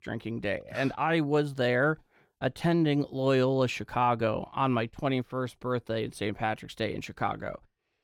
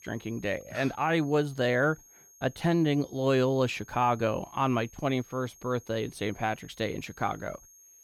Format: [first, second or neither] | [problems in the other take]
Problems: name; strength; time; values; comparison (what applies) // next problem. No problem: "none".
first | high-pitched whine; faint; throughout; 6.5 kHz, 25 dB below the speech